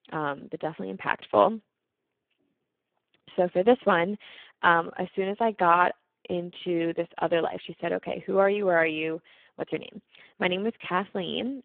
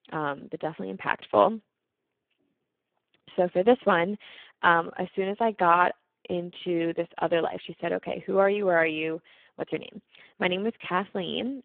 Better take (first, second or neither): neither